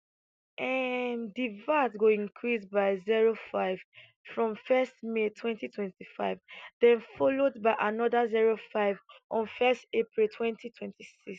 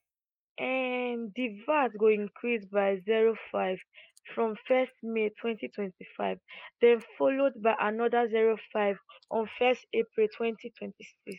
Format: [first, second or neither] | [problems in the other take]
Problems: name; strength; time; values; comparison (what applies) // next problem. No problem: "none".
first | noise reduction (neural mask model Resemble Enhance denoiser)